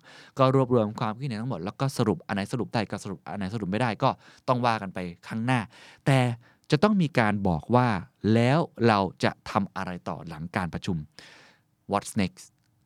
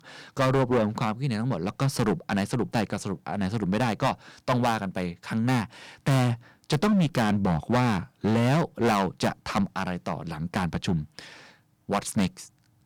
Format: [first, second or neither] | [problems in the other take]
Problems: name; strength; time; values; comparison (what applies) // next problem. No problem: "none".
first | distortion; heavy; 8% of the sound clipped